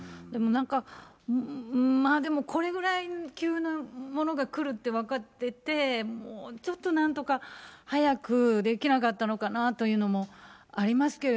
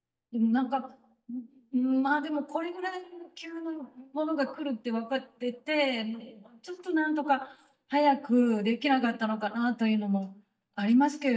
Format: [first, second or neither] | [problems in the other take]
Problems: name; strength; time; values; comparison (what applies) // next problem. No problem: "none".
first | noise reduction (neural mask model DeepFilterNet 3)